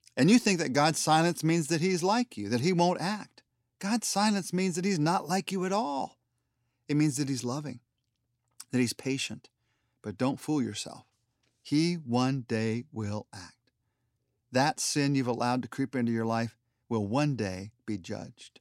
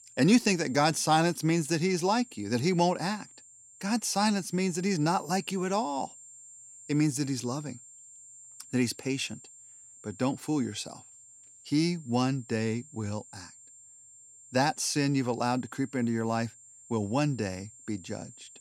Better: first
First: none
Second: high-pitched whine; faint; throughout; 7.5 kHz, 20 dB below the speech

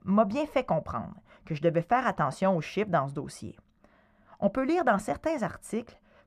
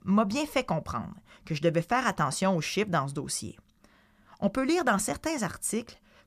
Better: second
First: muffled; very; fading above 3.5 kHz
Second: none

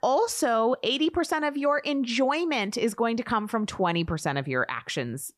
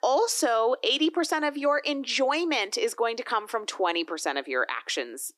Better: first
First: none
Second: thin; somewhat; fading below 300 Hz

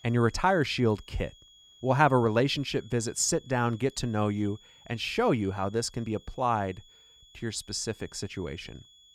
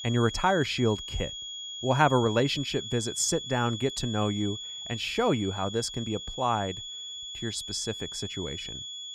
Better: first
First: high-pitched whine; faint; throughout; 3.5 kHz, 25 dB below the speech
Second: high-pitched whine; loud; throughout; 3.5 kHz, 8 dB below the speech

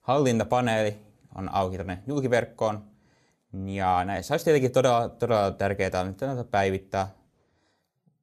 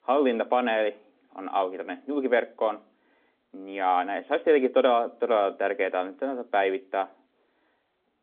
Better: first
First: none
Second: phone-call audio; nothing above 3.5 kHz

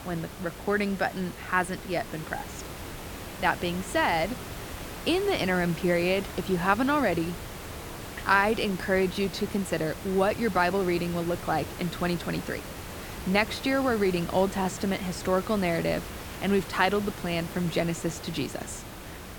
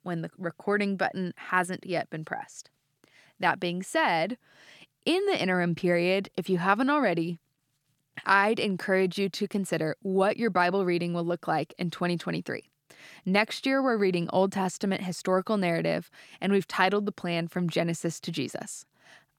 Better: second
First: hiss; noticeable; throughout; 10 dB below the speech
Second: none

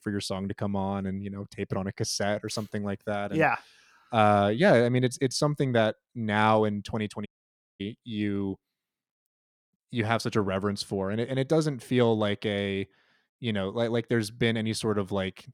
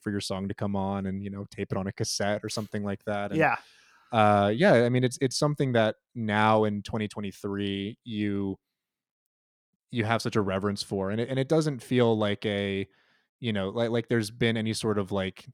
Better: second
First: audio cutting out; at 7.5 s for 0.5 s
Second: none

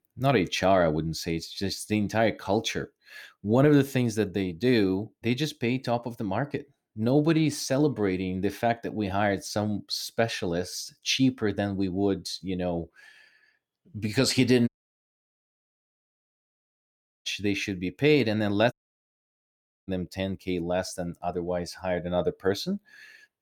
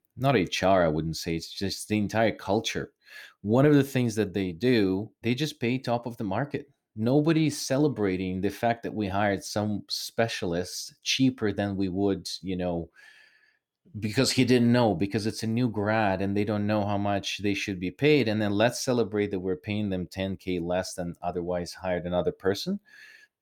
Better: second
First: audio cutting out; at 15 s for 2.5 s and at 19 s for 1 s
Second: none

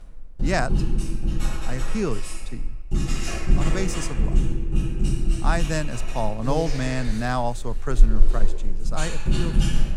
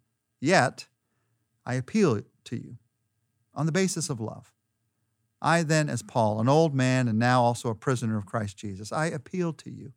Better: second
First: household noises; very loud; throughout; 1 dB above the speech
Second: none

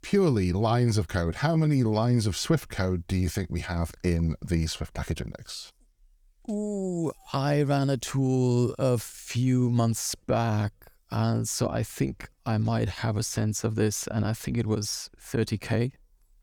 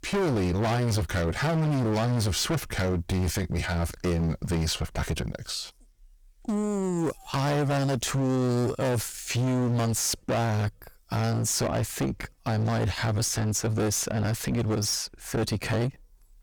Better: first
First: none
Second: distortion; heavy; 27% of the sound clipped

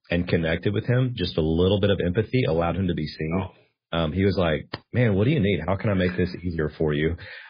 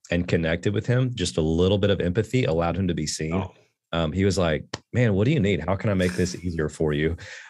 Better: second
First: garbled, watery; badly; nothing above 5 kHz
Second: none

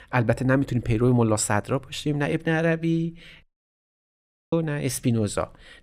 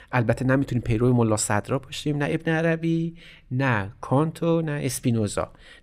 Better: second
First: audio cutting out; at 3.5 s for 1 s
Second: none

